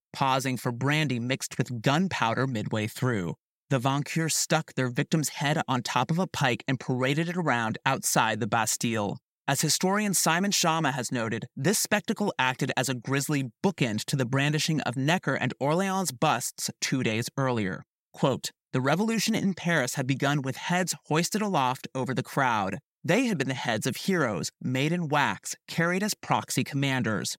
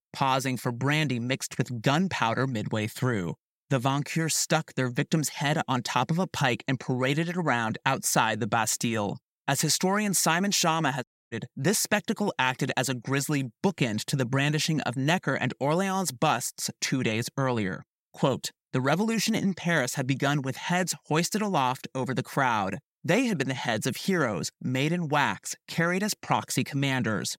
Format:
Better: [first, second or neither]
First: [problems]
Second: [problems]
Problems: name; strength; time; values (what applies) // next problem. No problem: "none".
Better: first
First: none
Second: audio cutting out; at 11 s